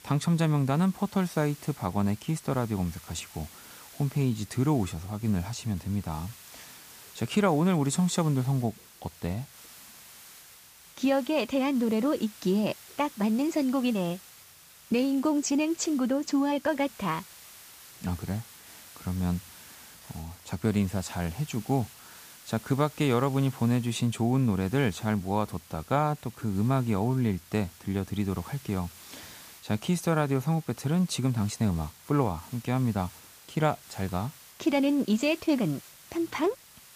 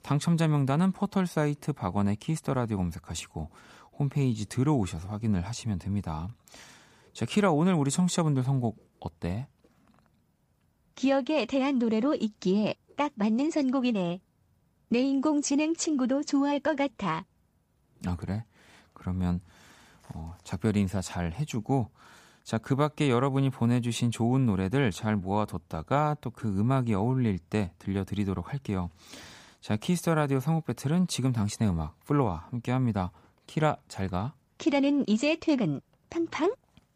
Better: second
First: hiss; noticeable; throughout; 20 dB below the speech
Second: none

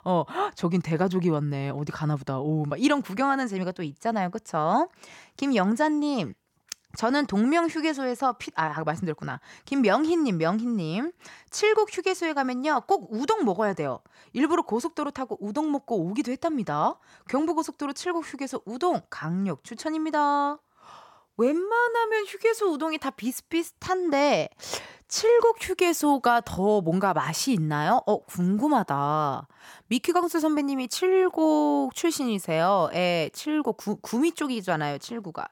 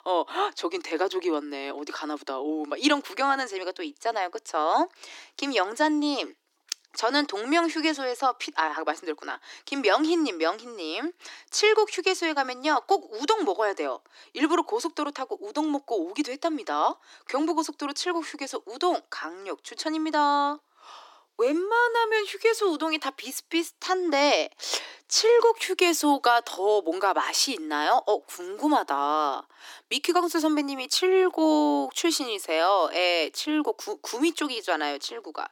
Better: first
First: none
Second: thin; very slightly; fading below 300 Hz

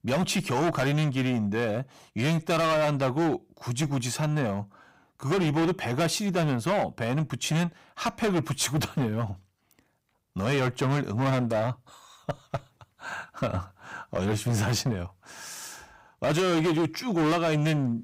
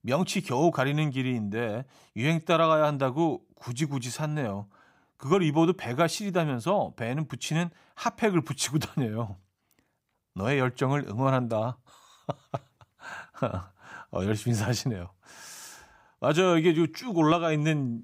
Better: second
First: distortion; heavy; 15% of the sound clipped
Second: none

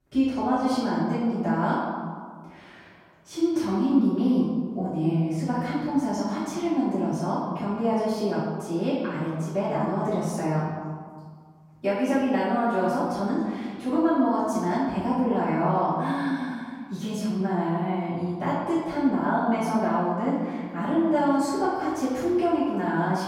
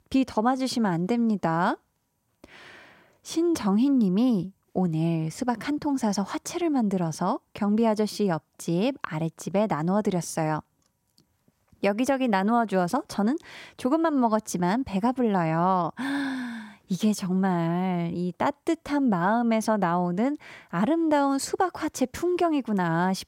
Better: second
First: off-mic speech; far // room echo; strong; dies away in 1.7 s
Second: none

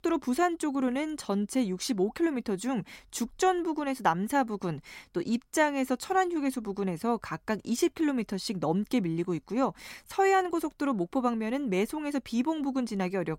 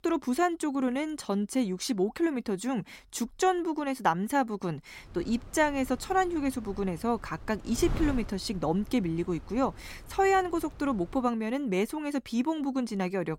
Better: first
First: none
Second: wind noise on the microphone; occasional gusts; from 5 to 11 s; 20 dB below the speech

